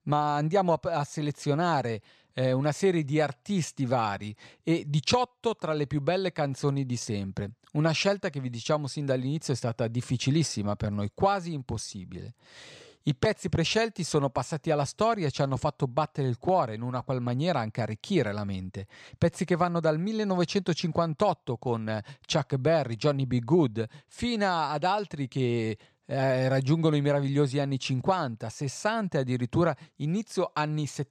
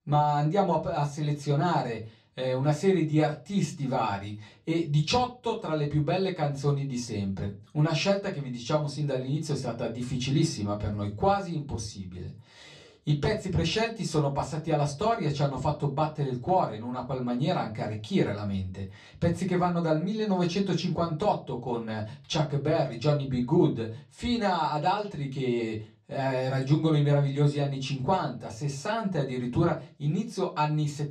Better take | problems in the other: first | off-mic speech; far // room echo; very slight; dies away in 0.2 s

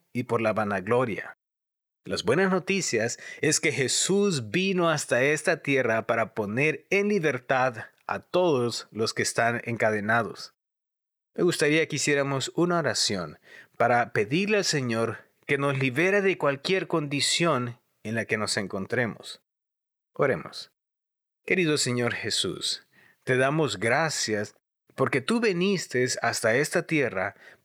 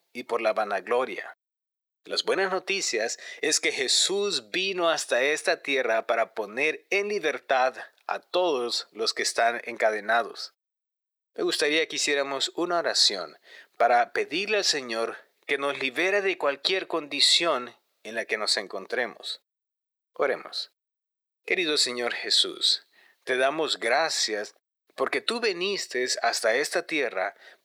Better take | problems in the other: first | thin; somewhat; fading below 350 Hz

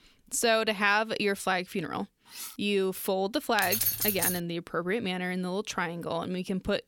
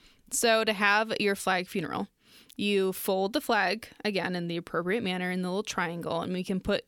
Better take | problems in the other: second | clattering dishes; faint; at 2.5 s; peak 10 dB below the speech // jangling keys; loud; at 3.5 s; peak 4 dB above the speech

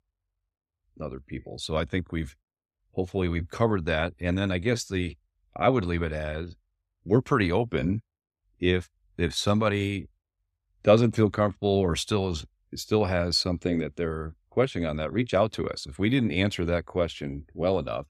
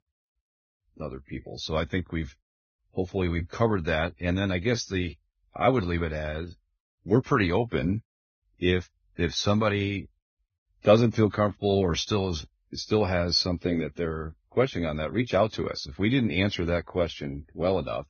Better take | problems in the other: first | garbled, watery; badly; nothing above 6.5 kHz

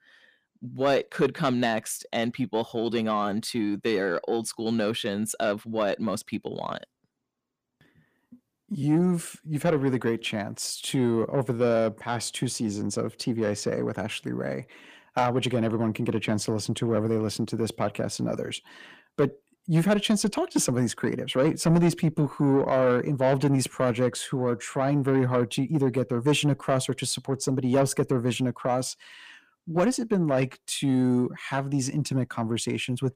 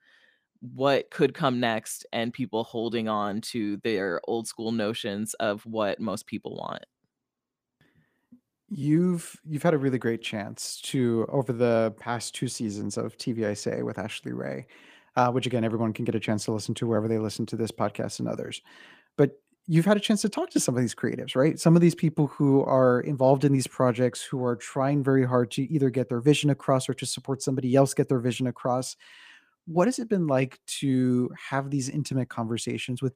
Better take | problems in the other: second | distortion; slight; 10 dB below the speech

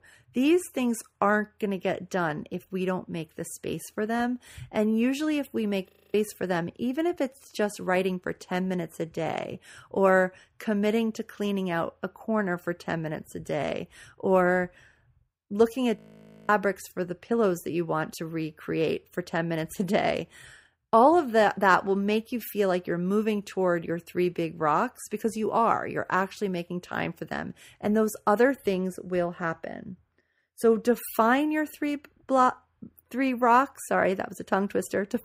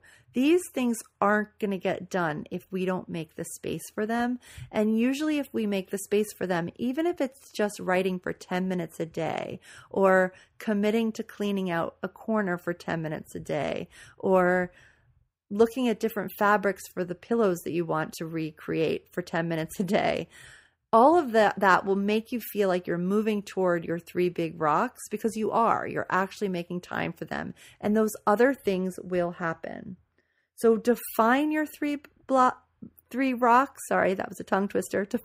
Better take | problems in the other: second | audio freezing; at 6 s and at 16 s for 0.5 s

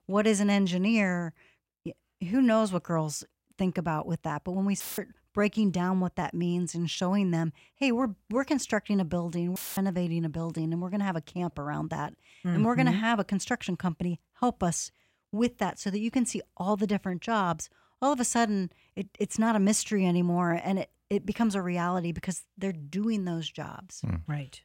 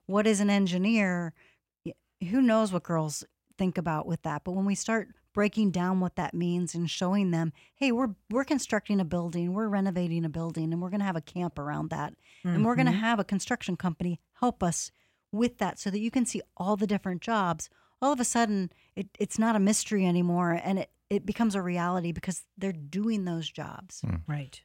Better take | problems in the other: second | audio cutting out; filled with static; at 5 s and at 9.5 s

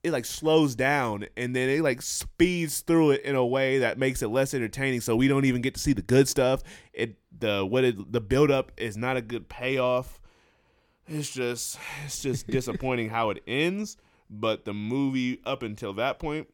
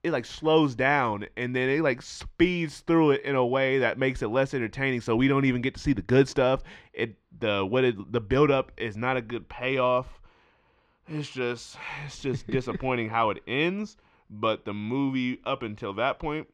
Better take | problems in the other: first | muffled; slightly; fading above 3 kHz

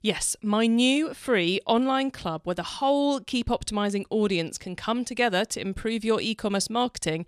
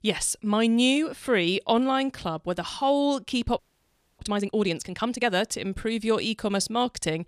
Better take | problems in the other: first | audio freezing; at 3.5 s for 0.5 s

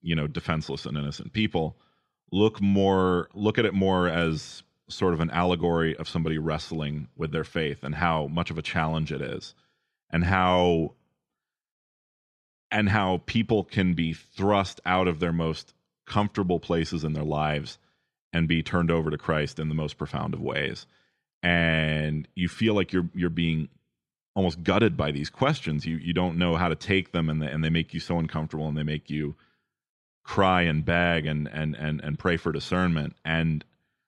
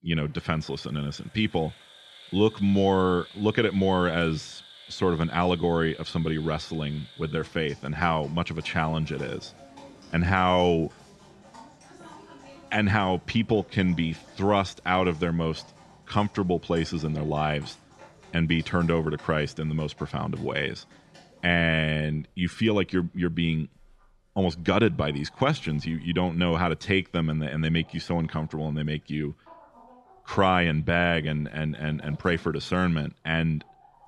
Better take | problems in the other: first | animal sounds; faint; throughout; 25 dB below the speech

